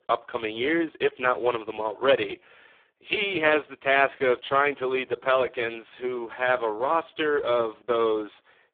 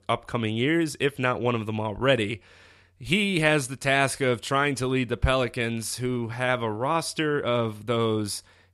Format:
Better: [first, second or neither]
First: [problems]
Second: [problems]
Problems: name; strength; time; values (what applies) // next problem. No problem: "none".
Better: second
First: phone-call audio; poor line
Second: none